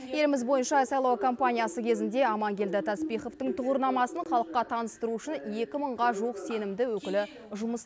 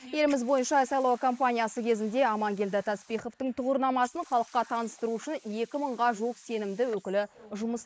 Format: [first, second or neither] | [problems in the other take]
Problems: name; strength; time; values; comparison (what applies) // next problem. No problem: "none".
first | noise reduction (neural mask model Resemble Enhance denoiser)